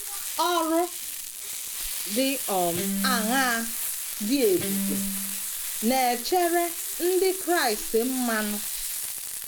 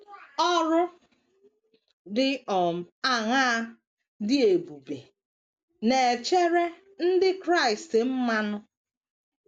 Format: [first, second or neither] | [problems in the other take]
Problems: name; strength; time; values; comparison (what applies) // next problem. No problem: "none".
second | background sound (Frying (food) + Guitar); 4 dB below the speech